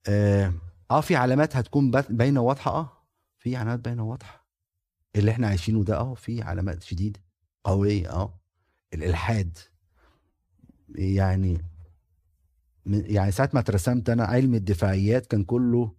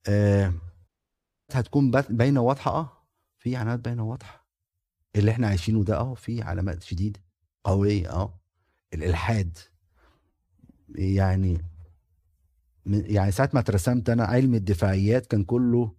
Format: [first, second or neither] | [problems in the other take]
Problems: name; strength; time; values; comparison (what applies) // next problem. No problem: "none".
first | audio cutting out; at 1 s for 0.5 s